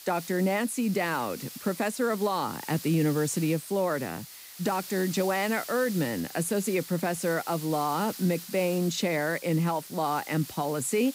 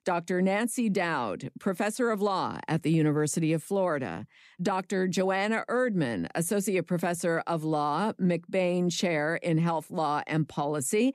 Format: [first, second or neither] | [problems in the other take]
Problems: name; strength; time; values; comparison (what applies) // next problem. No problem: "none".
second | hiss; noticeable; throughout; 10 dB below the speech